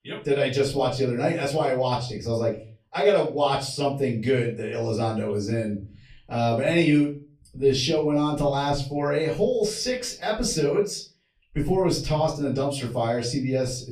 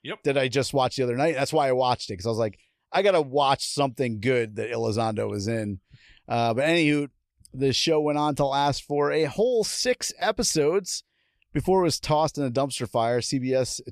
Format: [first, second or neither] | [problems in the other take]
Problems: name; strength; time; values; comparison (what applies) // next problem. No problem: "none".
second | off-mic speech; far // room echo; slight; dies away in 0.4 s